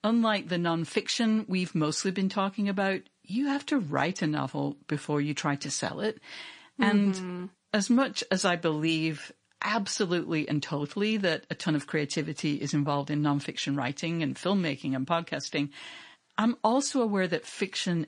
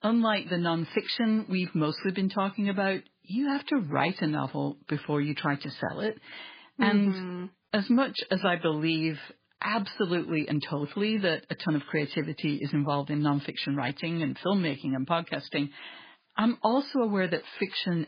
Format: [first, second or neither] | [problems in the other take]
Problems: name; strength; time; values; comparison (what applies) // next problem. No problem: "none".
first | garbled, watery; badly; nothing above 4.5 kHz; slightly in the first